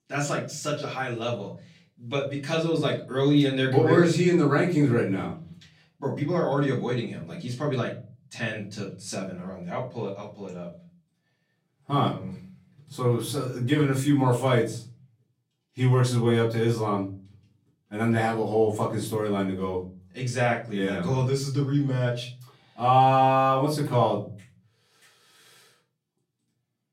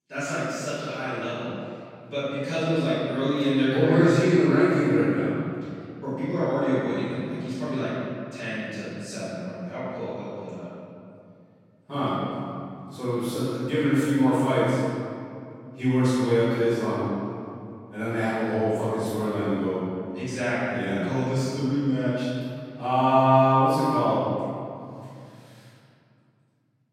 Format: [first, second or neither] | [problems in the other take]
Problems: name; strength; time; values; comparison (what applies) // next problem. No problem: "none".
first | room echo; strong; dies away in 2.4 s; slight in the first // off-mic speech; far; far in the first